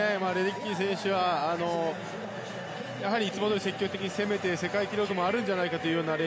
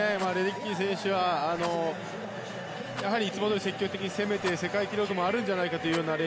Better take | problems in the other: first | background sound (Rattle); 18 dB below the speech

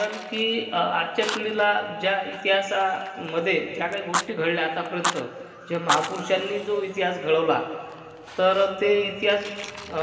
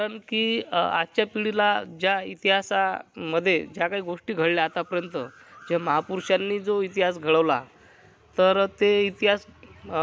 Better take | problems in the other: second | background sound (Fire); 11 dB below the speech // room echo; dies away in 2.3 s

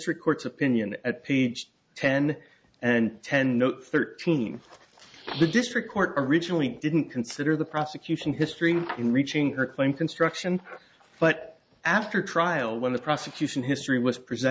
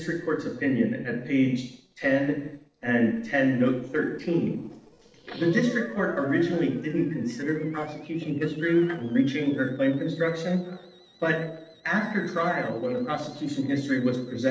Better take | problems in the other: first | noise reduction (neural separator model SepFormer DNS4)

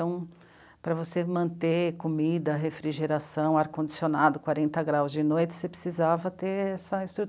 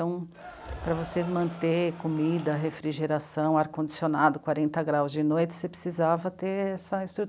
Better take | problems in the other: first | background sound (Cheering); 14 dB below the speech

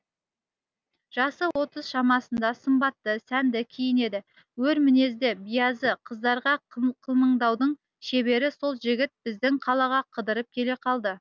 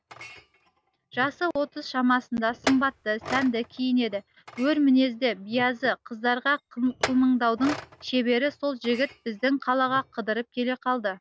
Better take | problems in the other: first | background sound (Chink, clink); 15 dB below the speech

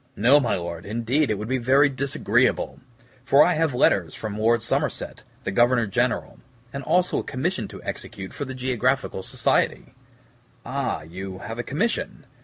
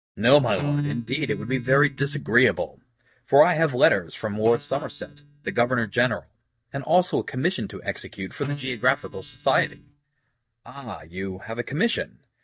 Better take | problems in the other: first | noise reduction (neural mask model DeepFilterNet 3)

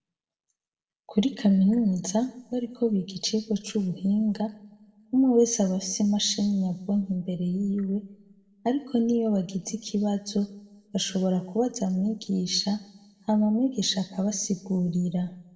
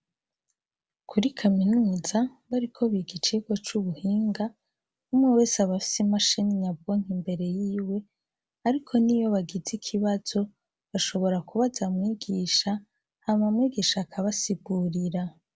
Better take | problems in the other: second | room echo; dies away in 0.7 s

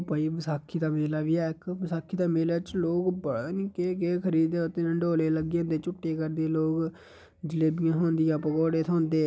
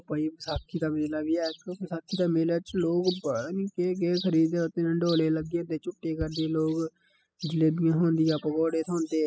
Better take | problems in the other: first | noise reduction (classical method spectral subtraction)

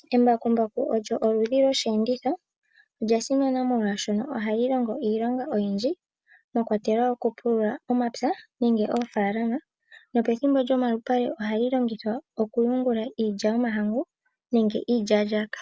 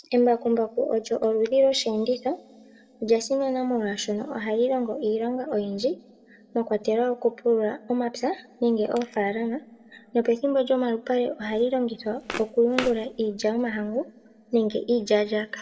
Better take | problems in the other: first | background sound (Walk, footsteps); 13 dB below the speech // room echo; dies away in 1.9 s

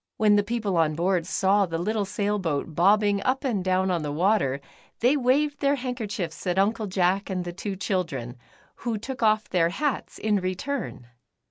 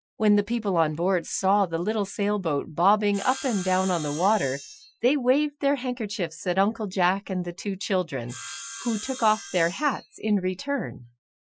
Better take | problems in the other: first | noise reduction (classical method Wiener filter)

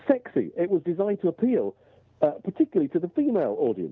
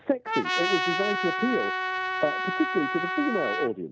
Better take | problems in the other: first | background sound (Trumpet); as loud as the speech

